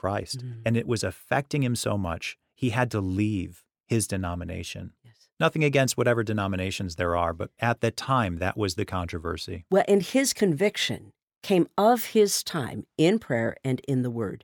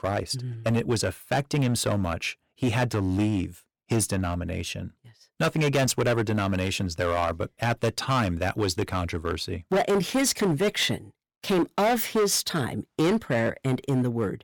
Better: first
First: none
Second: distortion; heavy; 11% of the sound clipped

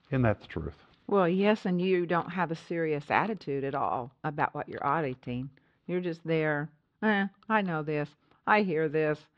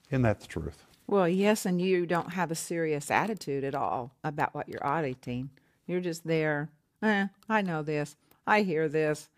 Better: second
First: muffled; slightly; fading above 3.5 kHz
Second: none

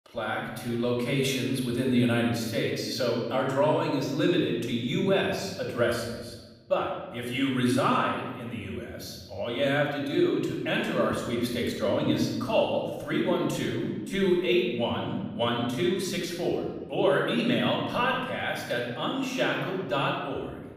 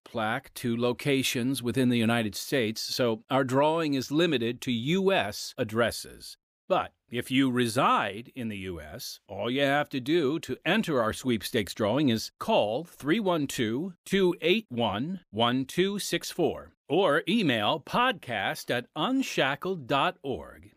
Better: second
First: off-mic speech; far // room echo; noticeable; dies away in 1.2 s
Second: none

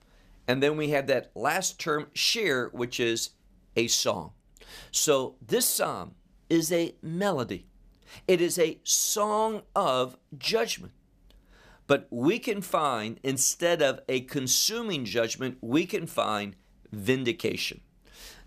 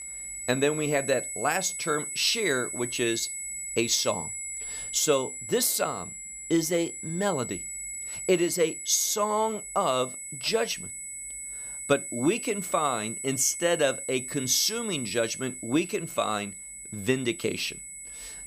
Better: first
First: none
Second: high-pitched whine; loud; throughout; 8 kHz, 7 dB below the speech

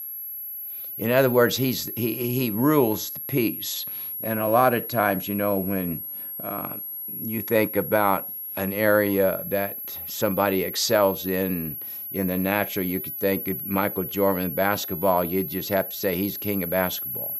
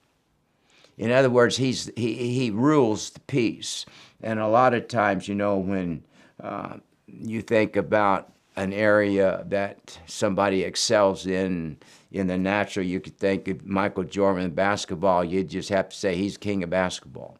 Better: second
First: high-pitched whine; loud; throughout; 11.5 kHz, 6 dB below the speech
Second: none

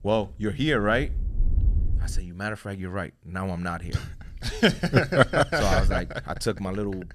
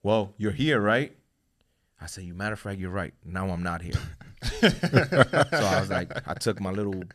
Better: second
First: wind noise on the microphone; occasional gusts; until 2 s and from 3.5 s on; 25 dB below the speech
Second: none

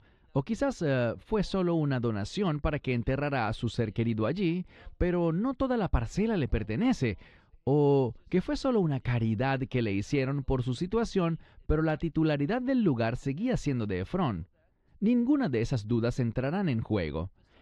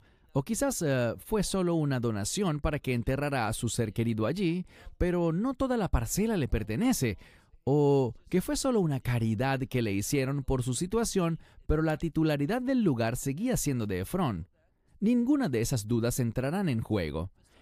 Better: second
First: muffled; slightly; fading above 4 kHz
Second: none

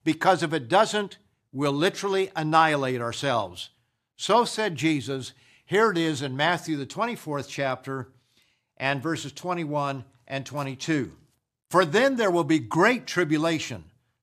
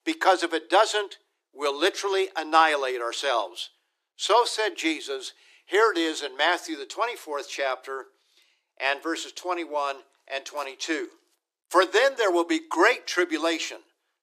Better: first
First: none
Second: thin; very; fading below 350 Hz

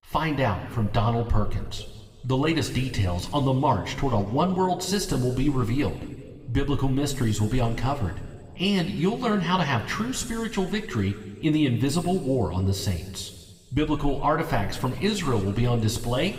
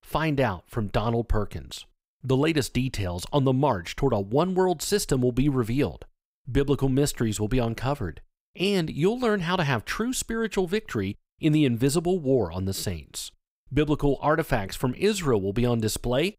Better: second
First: room echo; slight; dies away in 1.6 s // off-mic speech; somewhat distant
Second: none

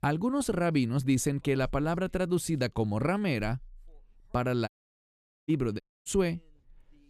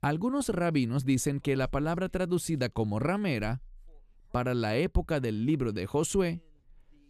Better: second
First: audio cutting out; at 4.5 s for 1 s and at 6 s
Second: none

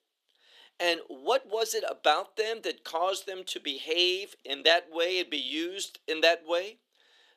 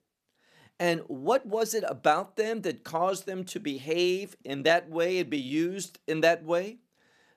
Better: second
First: thin; somewhat; fading below 350 Hz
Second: none

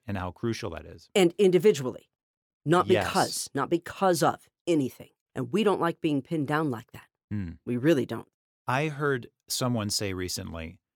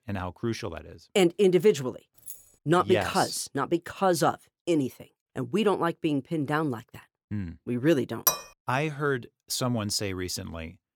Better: first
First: none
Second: jangling keys; faint; at 2 s; peak 15 dB below the speech // clattering dishes; loud; at 8.5 s; peak 2 dB above the speech

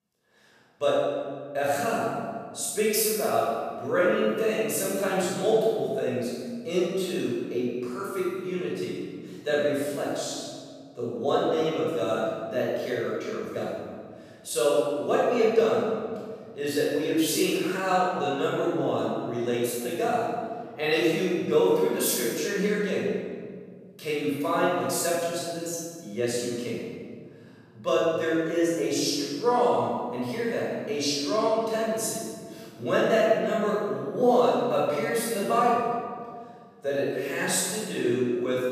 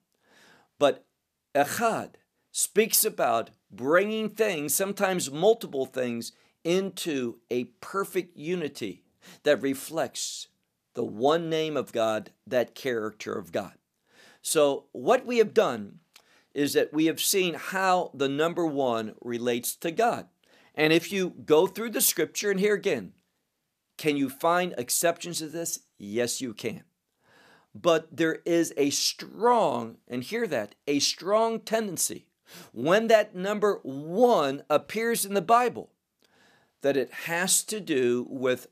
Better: second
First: off-mic speech; far // room echo; strong; dies away in 1.8 s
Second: none

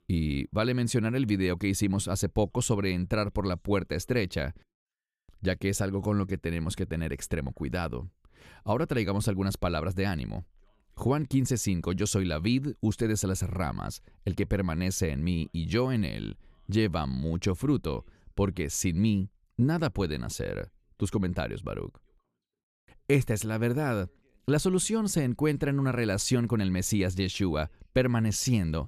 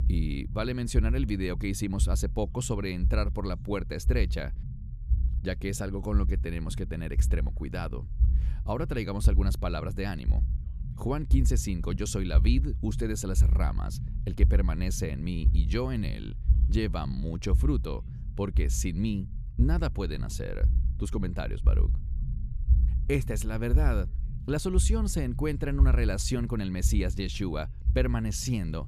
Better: first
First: none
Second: low rumble; noticeable; throughout; 15 dB below the speech

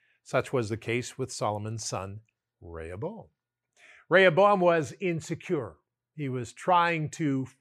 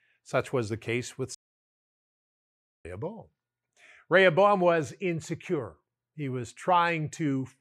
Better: first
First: none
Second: audio cutting out; at 1.5 s for 1.5 s

